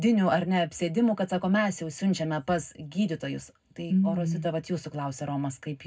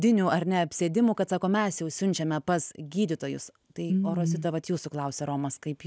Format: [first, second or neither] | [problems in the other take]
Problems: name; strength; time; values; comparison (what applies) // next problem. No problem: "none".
second | room echo; dies away in 0.3 s